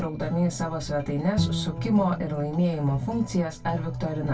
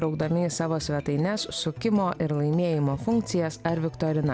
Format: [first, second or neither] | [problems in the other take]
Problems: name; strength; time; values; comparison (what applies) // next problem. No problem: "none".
second | background sound (Bowed string instrument); 7 dB below the speech // room echo; dies away in 0.1 s